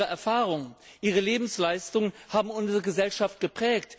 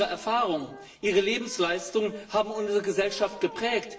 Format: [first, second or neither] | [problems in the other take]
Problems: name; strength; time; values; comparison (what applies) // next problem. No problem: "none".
first | background sound (Wind instrument, woodwind instrument); 19 dB below the speech // room echo; dies away in 0.8 s